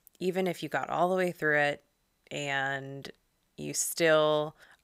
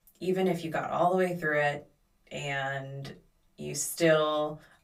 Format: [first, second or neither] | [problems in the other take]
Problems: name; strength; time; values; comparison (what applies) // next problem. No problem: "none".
first | off-mic speech; far // room echo; very slight; dies away in 0.2 s